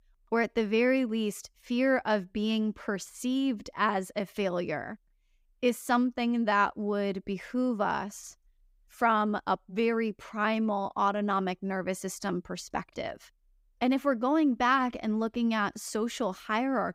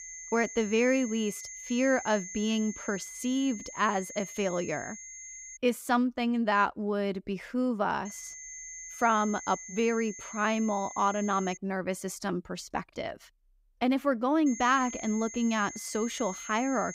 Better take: first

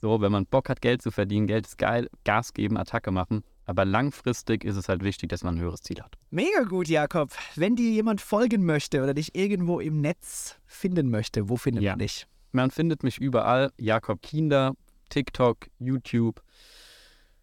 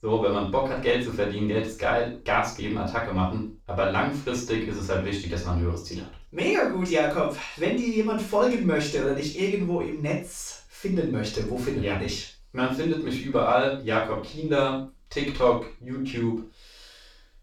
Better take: first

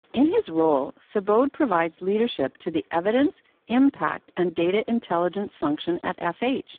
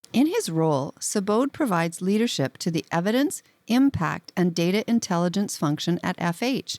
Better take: second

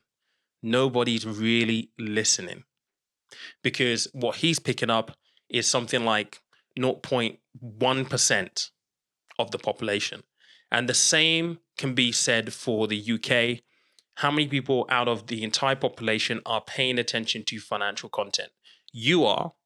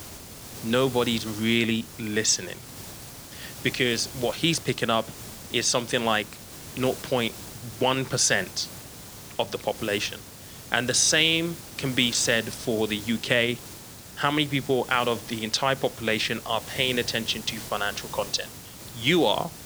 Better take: first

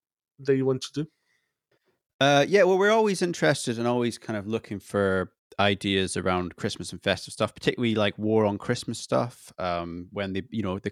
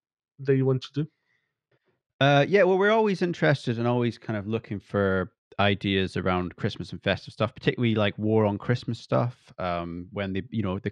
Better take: first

